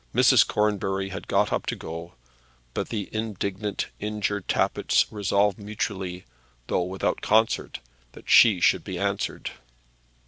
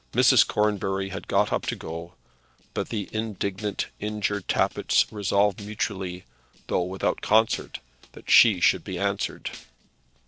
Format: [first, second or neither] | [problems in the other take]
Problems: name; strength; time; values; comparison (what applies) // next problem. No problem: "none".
first | noise reduction (neural separator model SepFormer DNS4)